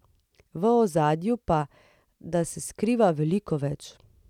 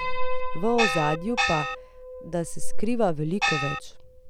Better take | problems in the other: first | background sound (Gong + Piano); 4 dB above the speech

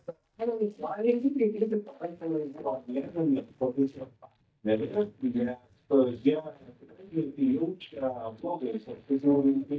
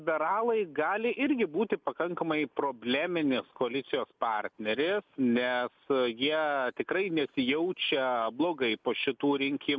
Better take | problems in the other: second | noise reduction (neural mask model DeepFilterNet 3)

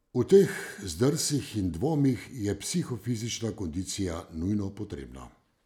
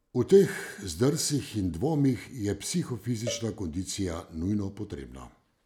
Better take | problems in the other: first | background sound (Cowbell); 17 dB below the speech

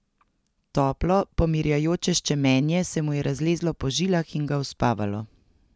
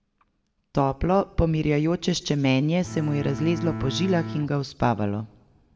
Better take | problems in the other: first | background sound (Bowed string instrument); 8 dB below the speech // room echo; dies away in 1 s

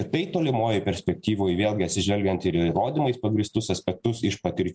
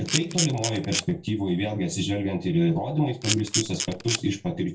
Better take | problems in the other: first | background sound (Camera); 4 dB below the speech // room echo; dies away in 0.2 s

